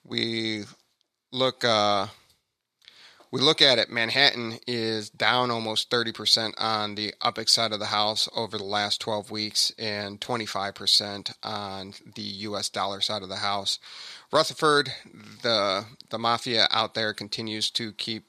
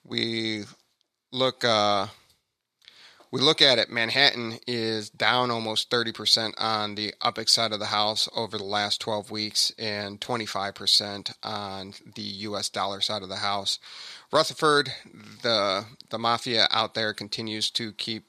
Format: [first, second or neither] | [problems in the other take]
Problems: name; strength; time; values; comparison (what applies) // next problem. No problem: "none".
neither | thin; somewhat; fading below 650 Hz; the same in both